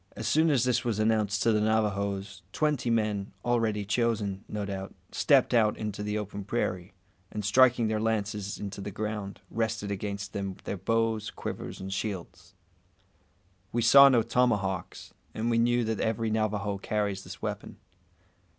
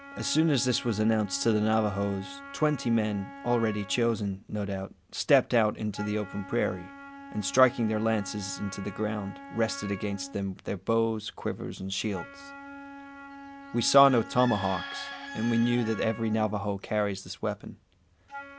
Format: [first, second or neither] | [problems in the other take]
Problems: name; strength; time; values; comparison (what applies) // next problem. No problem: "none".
first | background sound (Bird / Chicken, rooster + Wind instrument, woodwind instrument); 15 dB below the speech